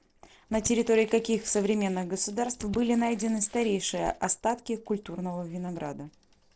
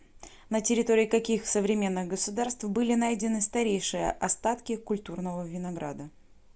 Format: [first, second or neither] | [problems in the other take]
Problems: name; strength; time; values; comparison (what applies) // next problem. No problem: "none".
second | noise reduction (neural separator model SepFormer DNS4)